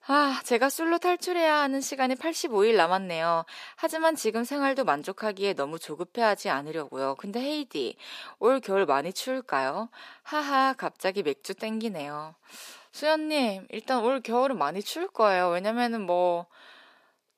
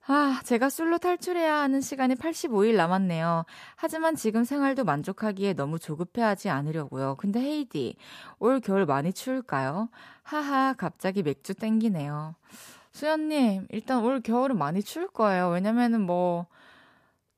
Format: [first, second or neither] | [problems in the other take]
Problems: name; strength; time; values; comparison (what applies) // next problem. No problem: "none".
second | thin; somewhat; fading below 400 Hz